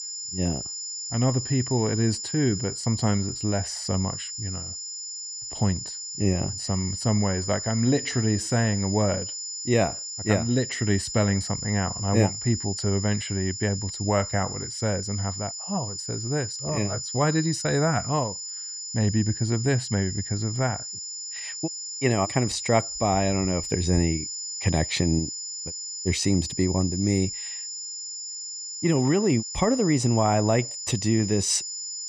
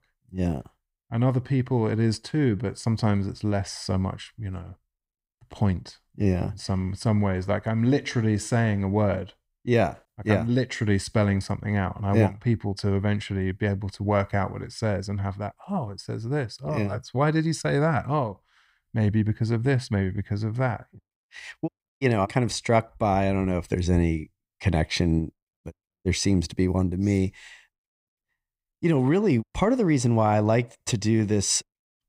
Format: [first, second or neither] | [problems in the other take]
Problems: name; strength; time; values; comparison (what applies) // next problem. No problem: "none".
second | high-pitched whine; loud; throughout; 7 kHz, 6 dB below the speech